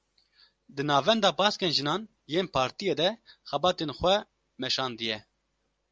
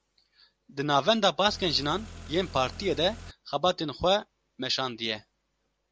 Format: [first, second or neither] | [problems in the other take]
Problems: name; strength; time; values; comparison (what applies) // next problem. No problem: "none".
first | background sound (Car); 14 dB below the speech